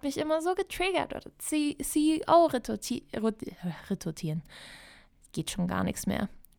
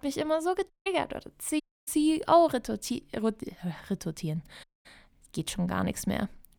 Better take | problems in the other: first | audio cutting out; at 0.5 s, at 1.5 s and at 4.5 s

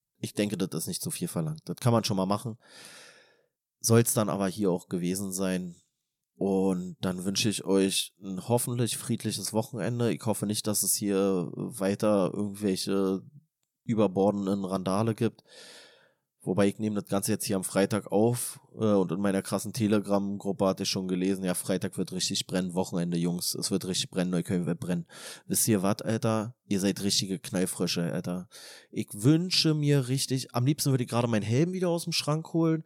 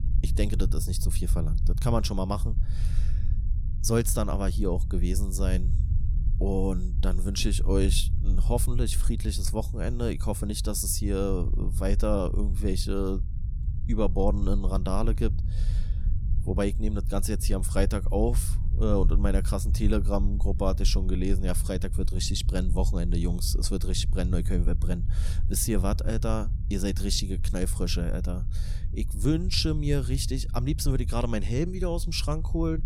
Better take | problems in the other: first | low rumble; noticeable; throughout; 15 dB below the speech

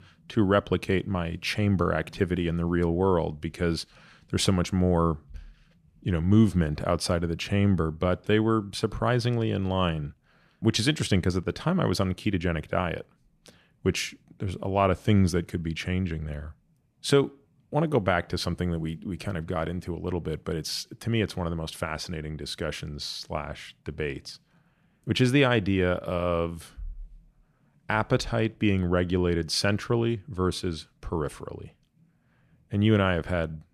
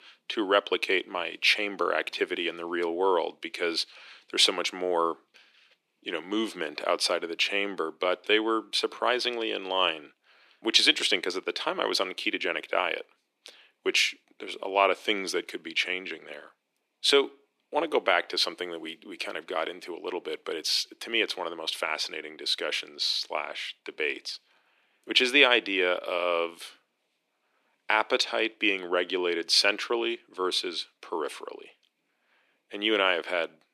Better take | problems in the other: first | thin; very; fading below 300 Hz

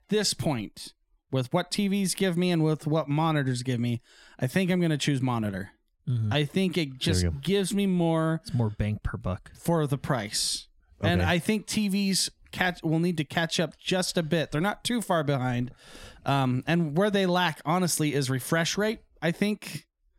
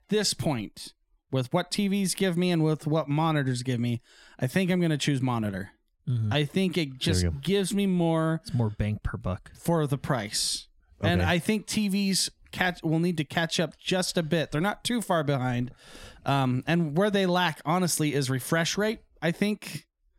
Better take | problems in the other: neither | none

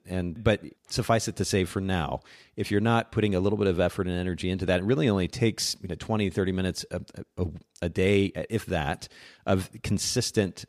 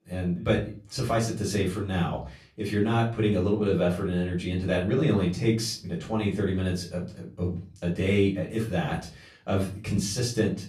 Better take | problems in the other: first | room echo; slight; dies away in 0.3 s // off-mic speech; far

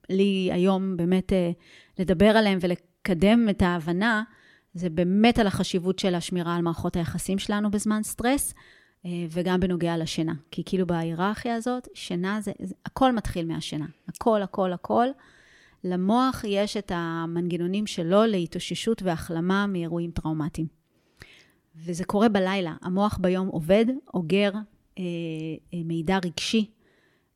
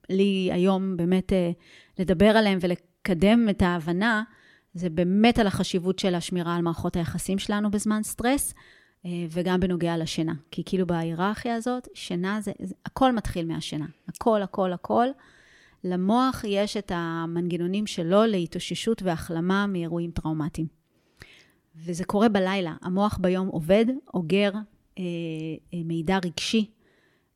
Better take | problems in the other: neither | none

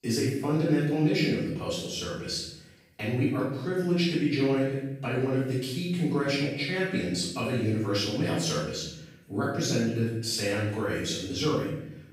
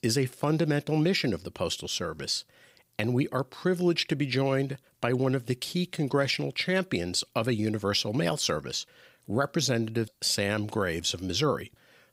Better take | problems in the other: second | off-mic speech; far // room echo; strong; dies away in 0.8 s

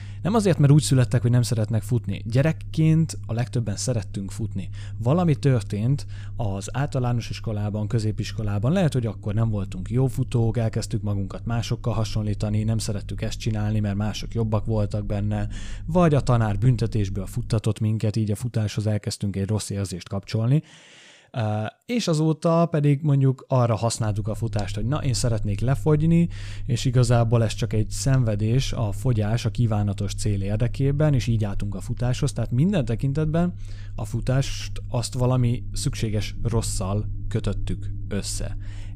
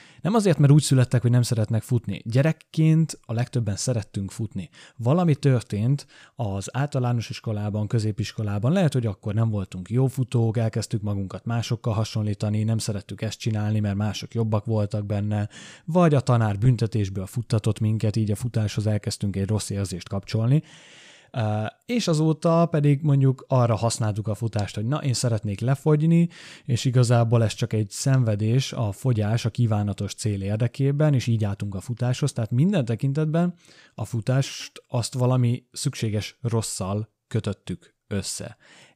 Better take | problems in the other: second | low rumble; faint; until 18 s and from 24 s on; 20 dB below the speech

